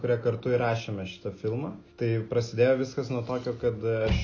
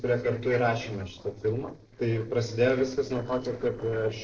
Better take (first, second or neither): first